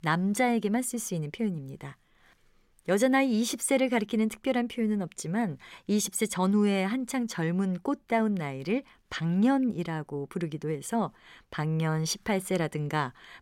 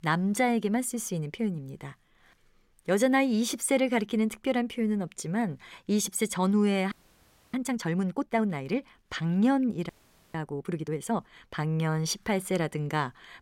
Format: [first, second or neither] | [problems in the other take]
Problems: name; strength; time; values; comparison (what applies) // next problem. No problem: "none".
first | audio freezing; at 7 s for 0.5 s and at 10 s